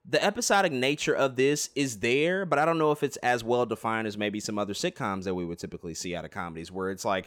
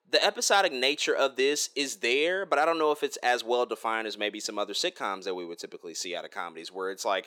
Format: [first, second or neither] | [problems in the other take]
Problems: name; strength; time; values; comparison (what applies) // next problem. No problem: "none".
first | thin; somewhat; fading below 350 Hz